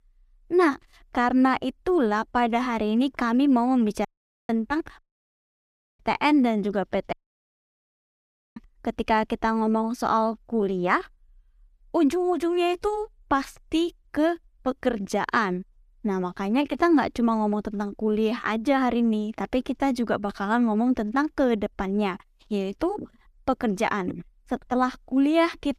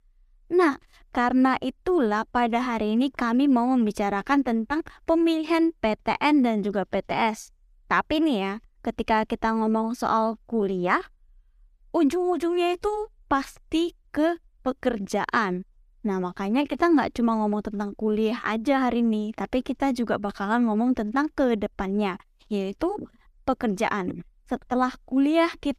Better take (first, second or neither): second